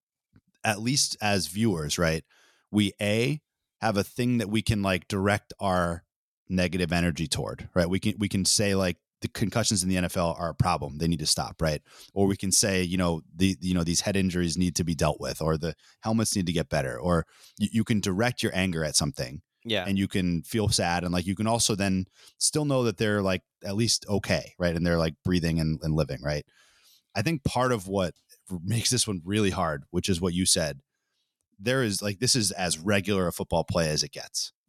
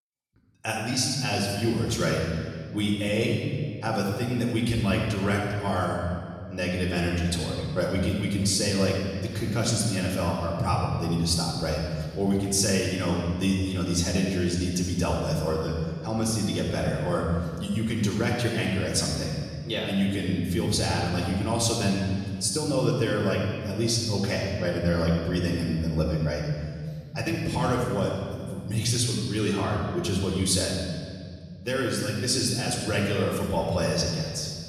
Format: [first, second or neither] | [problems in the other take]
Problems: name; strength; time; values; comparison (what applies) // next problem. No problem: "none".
first | off-mic speech; far // room echo; noticeable; dies away in 2 s